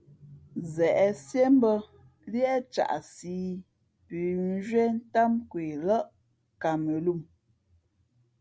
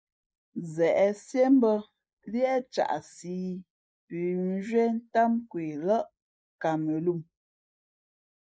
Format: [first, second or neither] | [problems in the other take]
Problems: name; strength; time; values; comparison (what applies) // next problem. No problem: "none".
first | noise reduction (neural mask model Resemble Enhance denoiser)